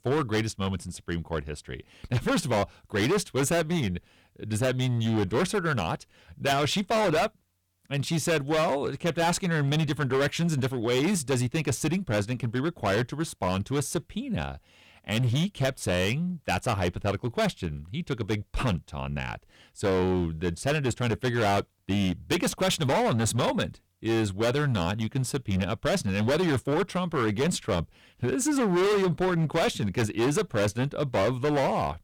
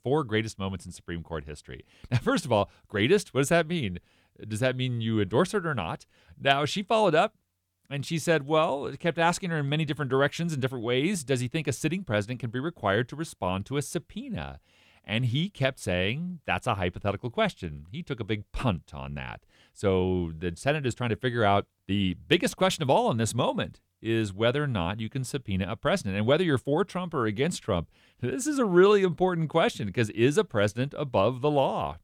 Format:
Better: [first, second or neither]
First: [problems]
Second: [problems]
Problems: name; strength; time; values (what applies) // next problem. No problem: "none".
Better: second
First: distortion; heavy; 15% of the sound clipped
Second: none